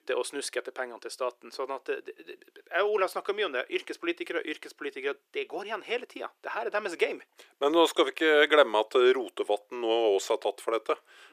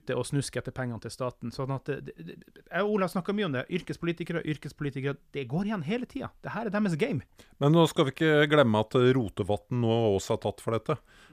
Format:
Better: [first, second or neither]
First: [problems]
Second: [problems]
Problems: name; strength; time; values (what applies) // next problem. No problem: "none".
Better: second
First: thin; very; fading below 350 Hz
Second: none